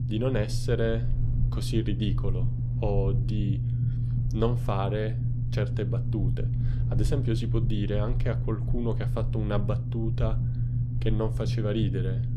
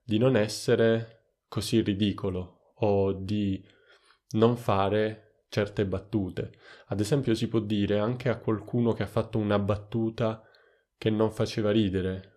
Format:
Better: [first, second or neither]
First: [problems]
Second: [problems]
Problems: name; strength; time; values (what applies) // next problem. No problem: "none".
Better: second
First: low rumble; loud; throughout; 7 dB below the speech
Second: none